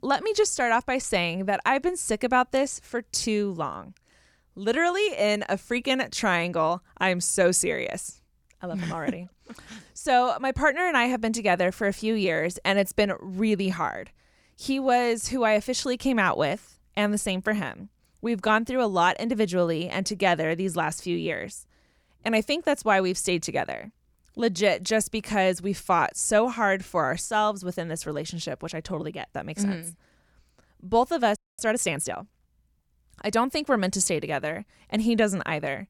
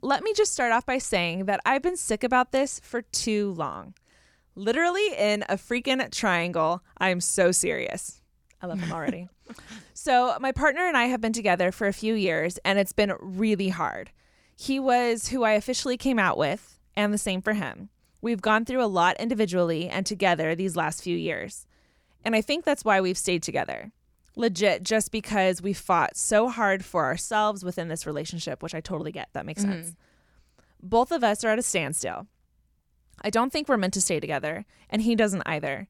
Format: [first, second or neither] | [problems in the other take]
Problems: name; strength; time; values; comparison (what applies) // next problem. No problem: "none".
second | audio freezing; at 31 s